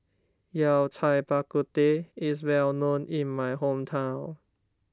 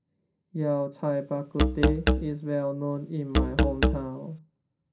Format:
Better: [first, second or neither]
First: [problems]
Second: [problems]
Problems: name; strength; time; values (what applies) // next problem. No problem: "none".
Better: first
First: none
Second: background sound (Musical instrument); 4 dB above the speech // room echo; dies away in 0.3 s